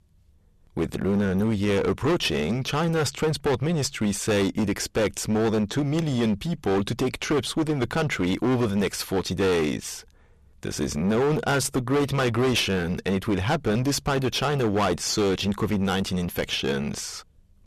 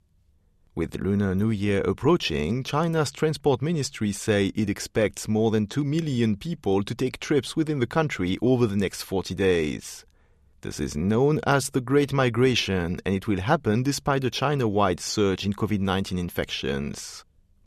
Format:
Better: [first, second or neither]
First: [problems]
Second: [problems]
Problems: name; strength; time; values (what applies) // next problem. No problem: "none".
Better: second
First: distortion; heavy; 18% of the sound clipped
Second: none